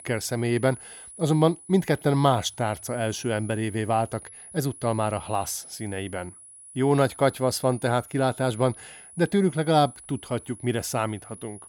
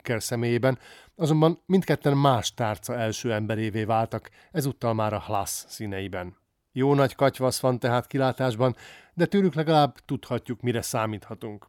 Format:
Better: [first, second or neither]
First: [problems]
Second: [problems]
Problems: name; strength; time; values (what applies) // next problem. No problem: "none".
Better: second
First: high-pitched whine; noticeable; throughout; 10 kHz, 15 dB below the speech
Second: none